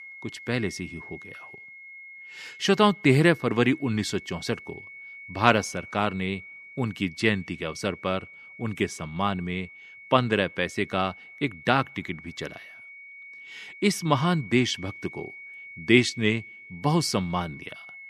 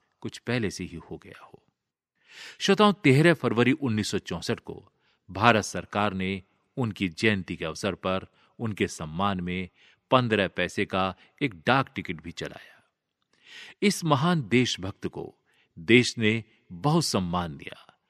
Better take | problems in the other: second | high-pitched whine; noticeable; throughout; 2 kHz, 15 dB below the speech

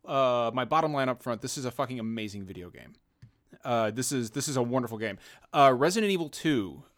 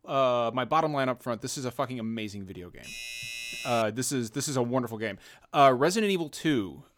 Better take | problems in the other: first | doorbell; noticeable; from 2.5 to 4 s; peak 7 dB below the speech

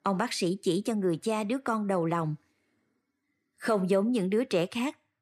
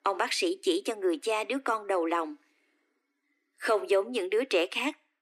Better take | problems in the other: first | thin; somewhat; fading below 300 Hz

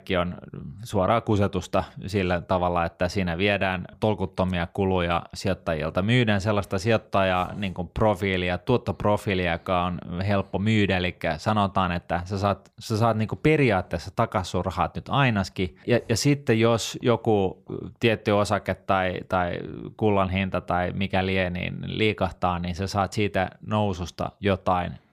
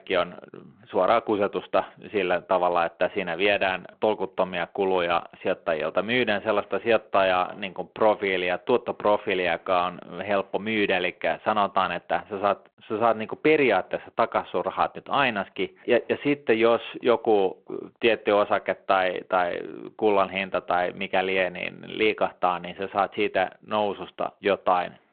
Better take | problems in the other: first | phone-call audio

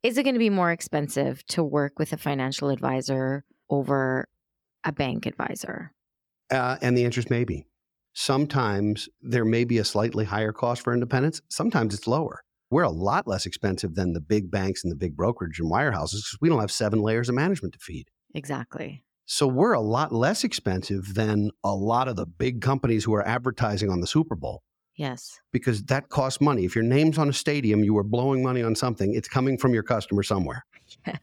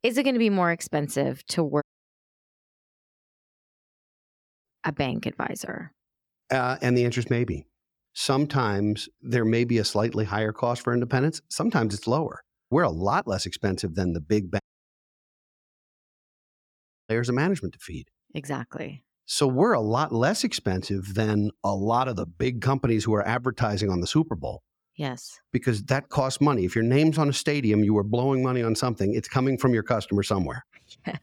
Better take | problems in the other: first | audio cutting out; at 2 s for 3 s and at 15 s for 2.5 s

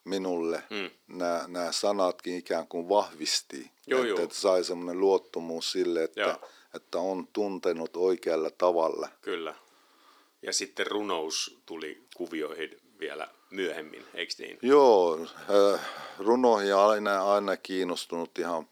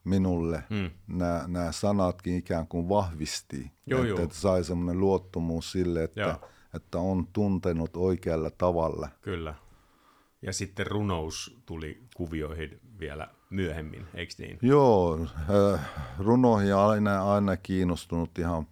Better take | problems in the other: second | thin; somewhat; fading below 350 Hz

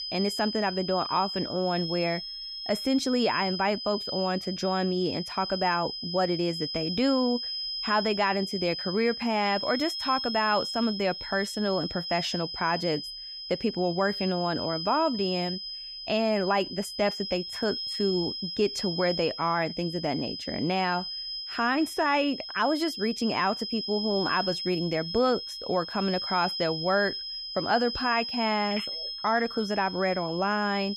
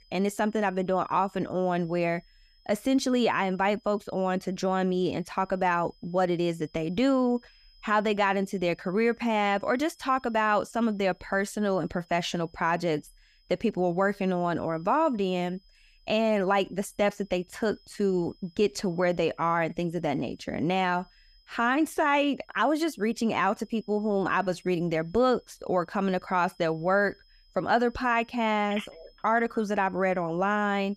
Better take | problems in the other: second | high-pitched whine; loud; throughout; 5 kHz, 5 dB below the speech; faint in the second

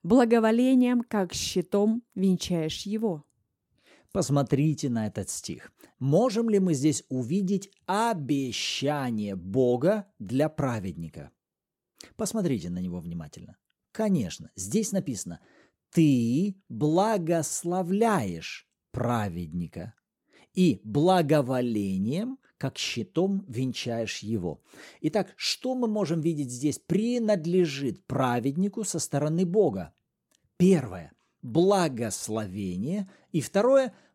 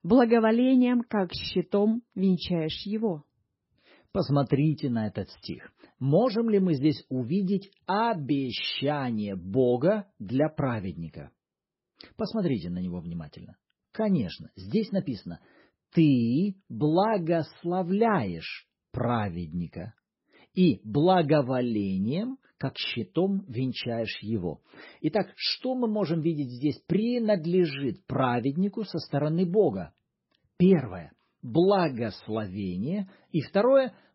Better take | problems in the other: first | garbled, watery; badly; nothing above 5.5 kHz

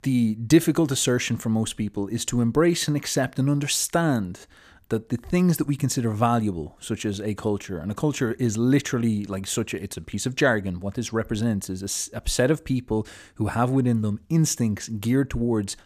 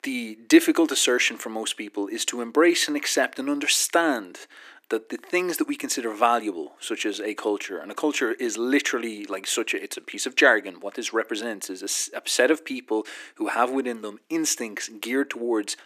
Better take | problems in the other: first | thin; somewhat; fading below 300 Hz

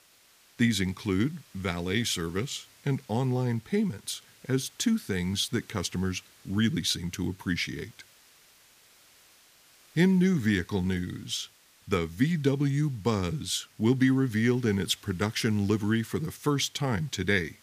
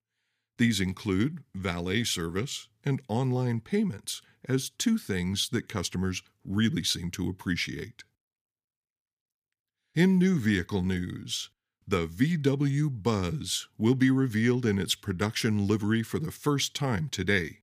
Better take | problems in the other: second | hiss; faint; throughout; 25 dB below the speech

